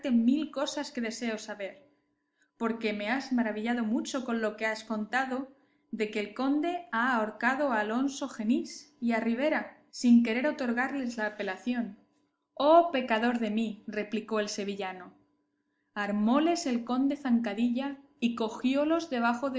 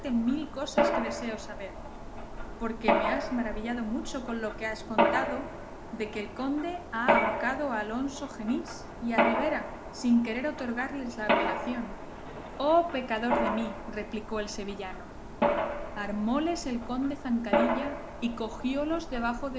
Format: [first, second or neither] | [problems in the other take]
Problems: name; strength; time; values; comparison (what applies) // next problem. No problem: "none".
first | background sound (Mechanisms); as loud as the speech